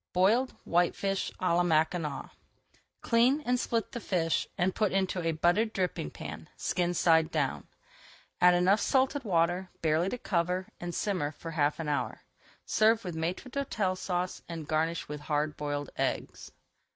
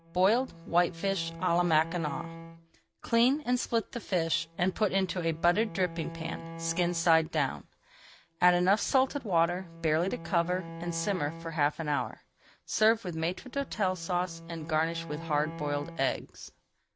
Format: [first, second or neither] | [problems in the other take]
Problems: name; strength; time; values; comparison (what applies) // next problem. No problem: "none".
first | background sound (Bowed string instrument); 14 dB below the speech